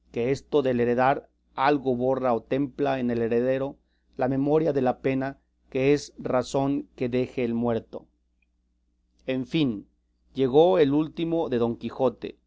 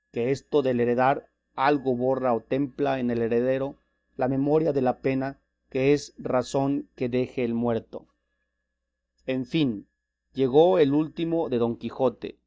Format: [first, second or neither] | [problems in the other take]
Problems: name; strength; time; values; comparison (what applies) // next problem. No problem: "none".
first | noise reduction (neural mask model DeepFilterNet 3)